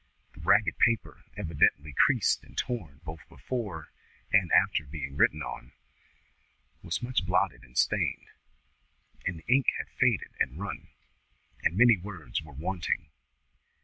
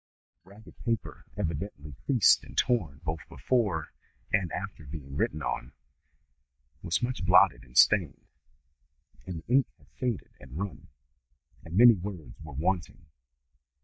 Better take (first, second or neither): first